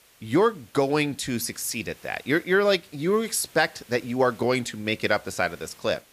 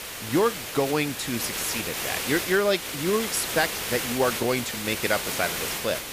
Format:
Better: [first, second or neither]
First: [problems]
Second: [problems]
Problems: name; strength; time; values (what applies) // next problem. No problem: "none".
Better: first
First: hiss; faint; throughout; 25 dB below the speech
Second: hiss; loud; throughout; 3 dB below the speech